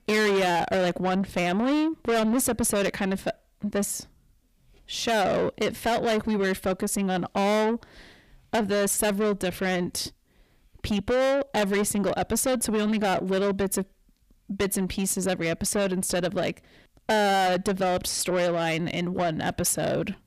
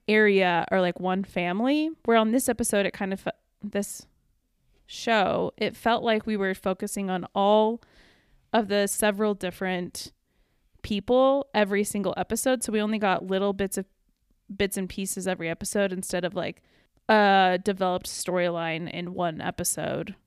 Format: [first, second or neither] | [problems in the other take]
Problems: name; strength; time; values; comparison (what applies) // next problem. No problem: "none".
second | distortion; heavy; 6 dB below the speech